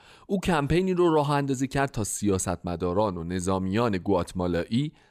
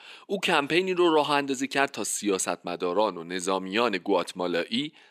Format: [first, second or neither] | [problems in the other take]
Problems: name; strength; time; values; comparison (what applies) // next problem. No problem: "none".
first | thin; very slightly; fading below 250 Hz